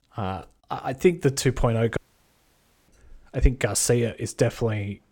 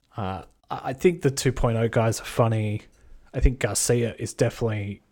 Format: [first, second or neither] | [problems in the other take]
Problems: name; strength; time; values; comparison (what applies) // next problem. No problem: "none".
second | audio cutting out; at 2 s for 1 s